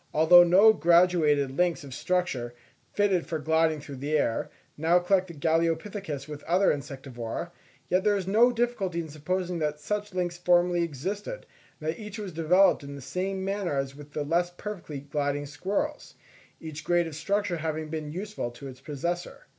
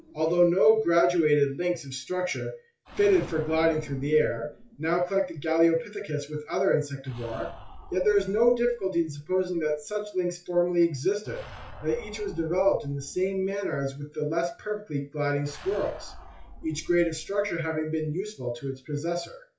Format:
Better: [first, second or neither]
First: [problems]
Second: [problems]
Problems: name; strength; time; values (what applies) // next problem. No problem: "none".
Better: first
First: none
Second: noise reduction (classical method WPE with log-MMSE)